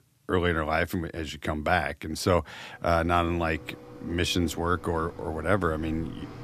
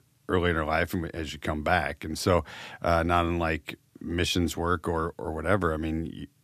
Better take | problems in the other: second | machinery noise; noticeable; from 3 s on; 20 dB below the speech

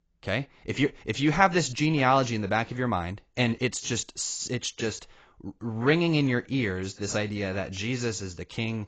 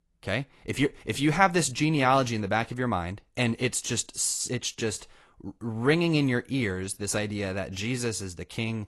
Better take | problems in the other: second | garbled, watery; badly; nothing above 7.5 kHz; slightly in the second

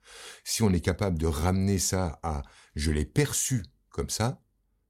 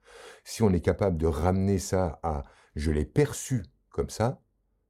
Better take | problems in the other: first | muffled; slightly; fading above 2 kHz

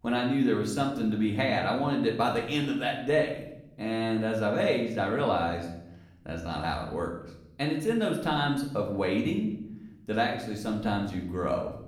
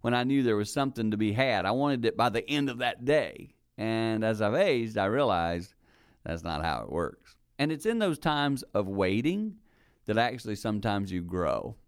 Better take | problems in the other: second | room echo; slight; dies away in 0.7 s // off-mic speech; somewhat distant

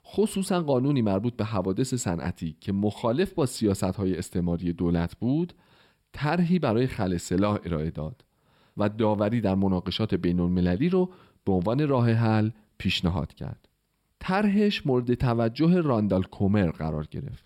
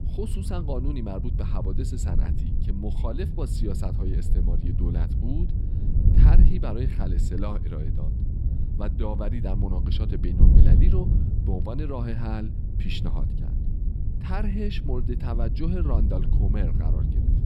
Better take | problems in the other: first | wind noise on the microphone; heavy; 3 dB below the speech

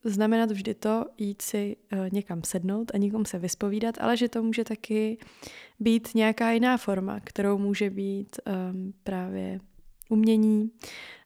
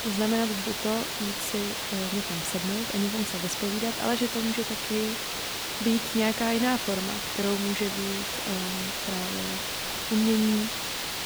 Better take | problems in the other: first | hiss; loud; throughout; as loud as the speech

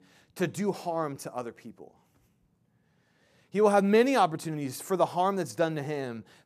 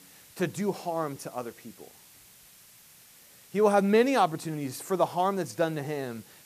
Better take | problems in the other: first | hiss; faint; throughout; 25 dB below the speech

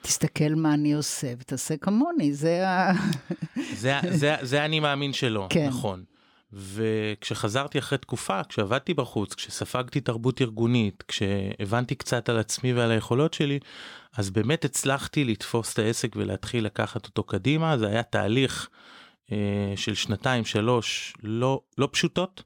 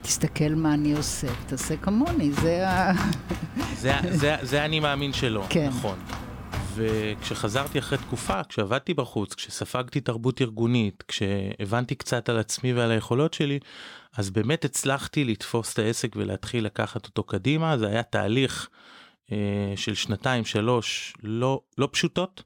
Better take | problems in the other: first | footsteps; noticeable; until 8.5 s; peak 4 dB below the speech

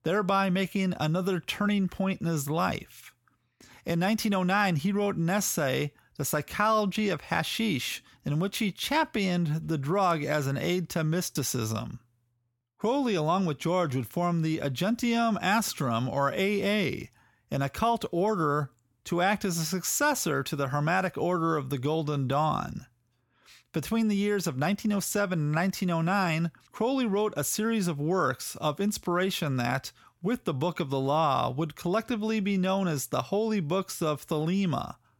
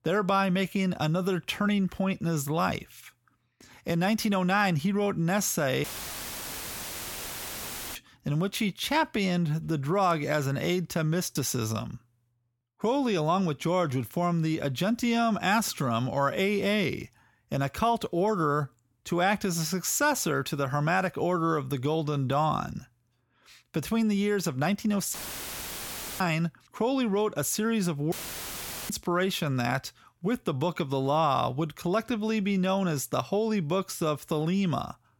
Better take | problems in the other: first | audio cutting out; filled with static; at 6 s for 2 s, at 25 s for 1 s and at 28 s for 1 s

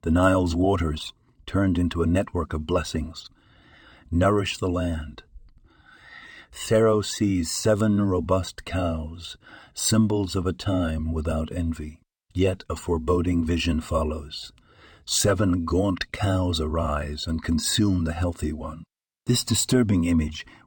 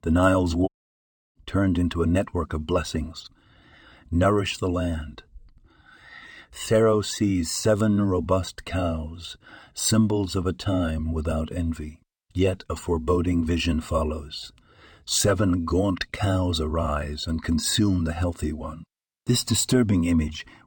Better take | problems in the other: first | audio cutting out; at 0.5 s for 0.5 s

